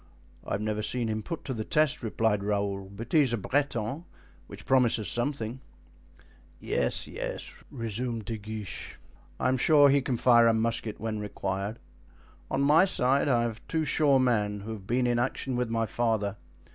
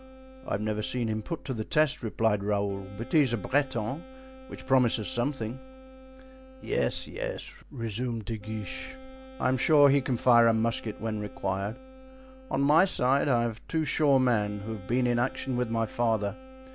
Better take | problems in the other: first | background sound (Wind instrument, woodwind instrument); 20 dB below the speech

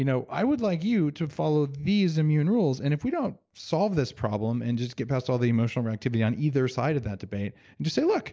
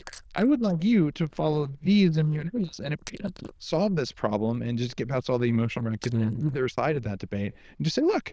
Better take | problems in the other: first | noise reduction (neural diffusion model UNIVERSE++)

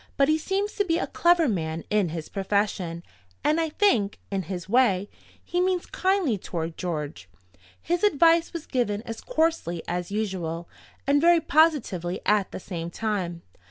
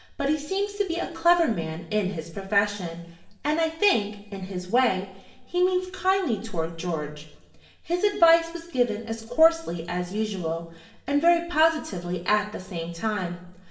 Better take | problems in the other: first | room echo; dies away in 0.9 s

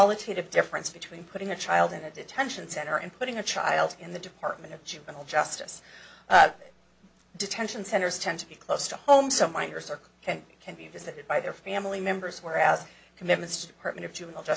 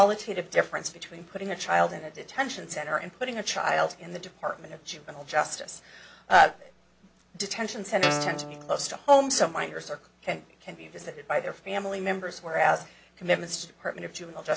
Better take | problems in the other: first | background sound (Guitar); 2 dB below the speech

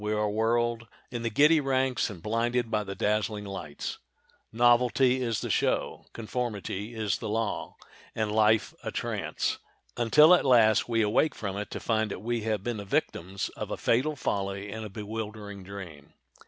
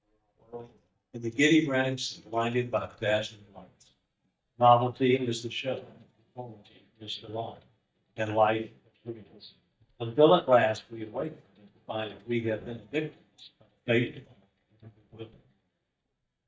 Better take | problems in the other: first | noise reduction (neural mask model DeepFilterNet 3)

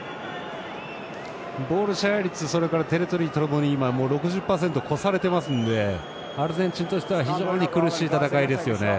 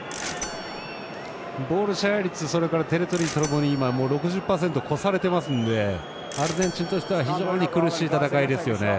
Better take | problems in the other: first | background sound (Bell / Mechanisms); 16 dB below the speech

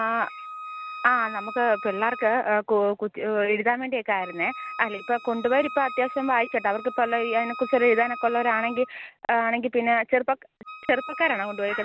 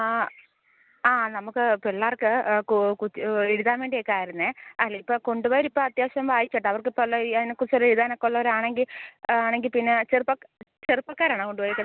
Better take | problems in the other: second | background sound (Wind instrument, woodwind instrument); 14 dB below the speech

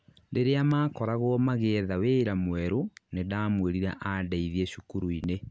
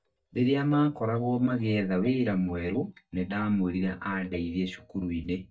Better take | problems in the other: first | noise reduction (neural mask model DeepFilterNet 3)

